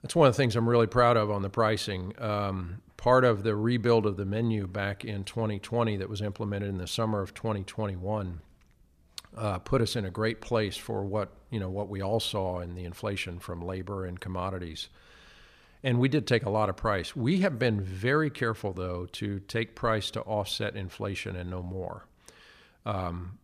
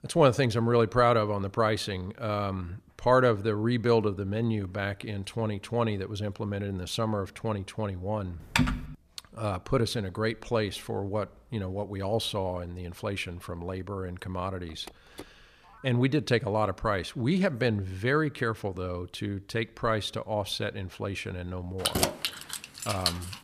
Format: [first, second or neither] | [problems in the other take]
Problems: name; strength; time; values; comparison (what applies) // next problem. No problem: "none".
first | keyboard typing; loud; at 8.5 s; peak 2 dB above the speech // phone ringing; faint; from 15 to 16 s; peak 20 dB below the speech // jangling keys; loud; from 22 s on; peak 3 dB above the speech